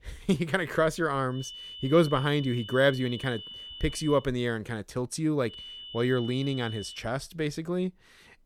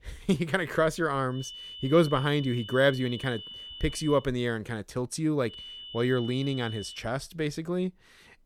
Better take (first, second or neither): neither